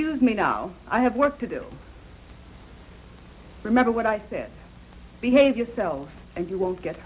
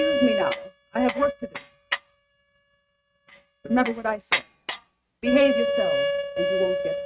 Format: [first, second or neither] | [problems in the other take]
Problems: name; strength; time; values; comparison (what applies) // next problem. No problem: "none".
first | noise reduction (neural mask model RNNoise)